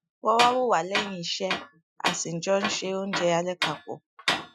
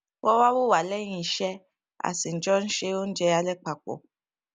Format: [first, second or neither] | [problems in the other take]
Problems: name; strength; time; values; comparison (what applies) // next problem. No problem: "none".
second | noise reduction (classical method Wiener filter)